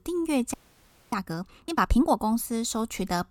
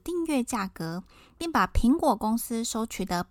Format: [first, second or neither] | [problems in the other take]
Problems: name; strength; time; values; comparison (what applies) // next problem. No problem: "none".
second | audio freezing; at 0.5 s for 0.5 s